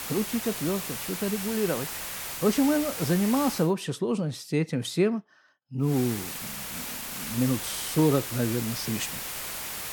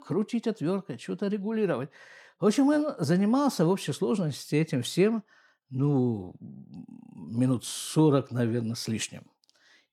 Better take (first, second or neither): second